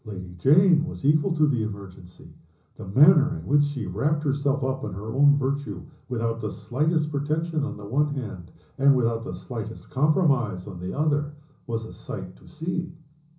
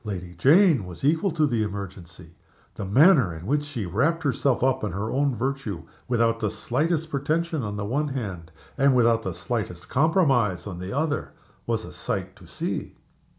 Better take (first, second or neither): second